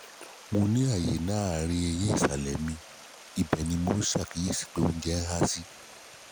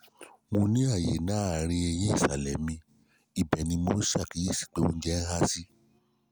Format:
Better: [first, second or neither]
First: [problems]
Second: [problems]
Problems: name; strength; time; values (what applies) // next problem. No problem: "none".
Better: second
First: background sound (Stream); 19 dB below the speech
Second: none